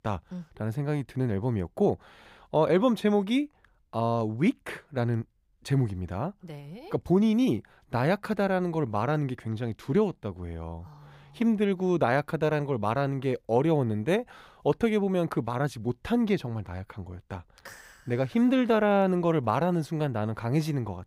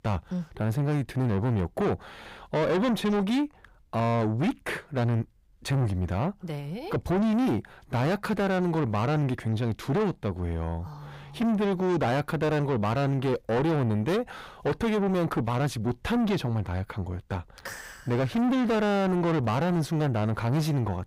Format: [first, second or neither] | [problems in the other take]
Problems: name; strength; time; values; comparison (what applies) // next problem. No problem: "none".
first | distortion; heavy; 6 dB below the speech